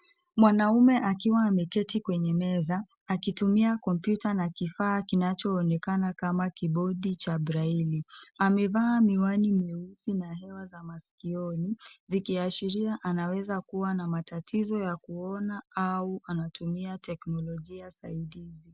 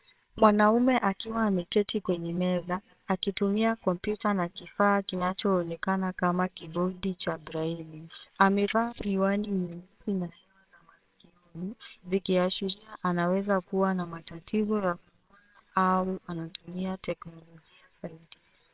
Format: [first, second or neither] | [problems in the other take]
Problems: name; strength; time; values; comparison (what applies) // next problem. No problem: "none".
first | noise reduction (neural separator model SepFormer WHAMR!)